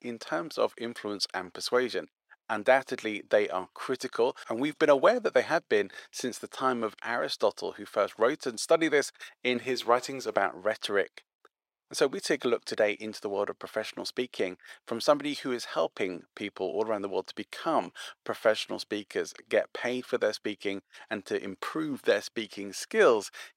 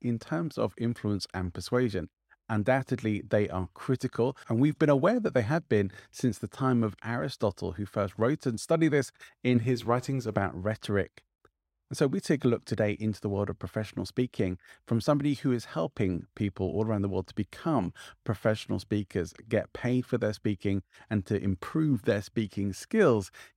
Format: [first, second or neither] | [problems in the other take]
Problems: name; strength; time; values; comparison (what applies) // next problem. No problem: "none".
second | thin; somewhat; fading below 500 Hz